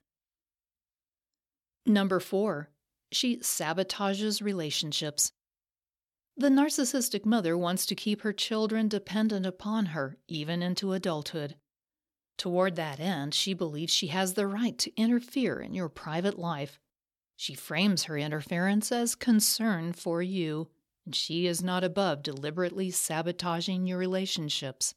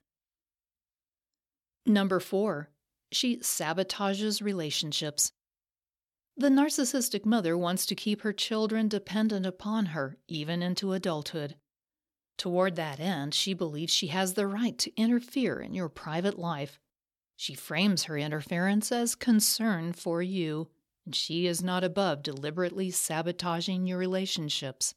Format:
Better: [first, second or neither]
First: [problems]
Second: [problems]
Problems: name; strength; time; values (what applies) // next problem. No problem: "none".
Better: neither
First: none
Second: none